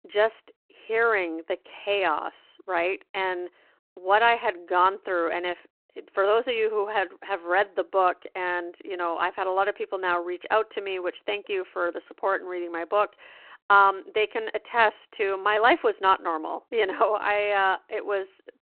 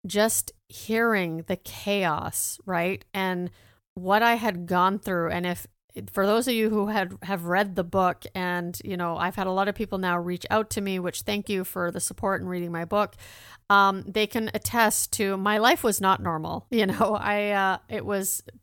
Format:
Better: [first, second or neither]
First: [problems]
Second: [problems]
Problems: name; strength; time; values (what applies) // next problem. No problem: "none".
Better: second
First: phone-call audio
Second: none